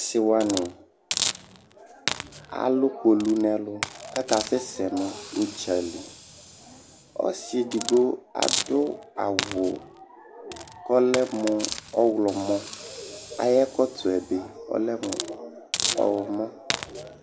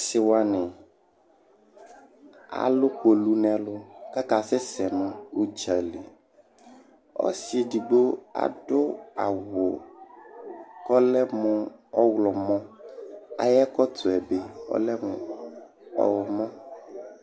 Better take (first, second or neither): second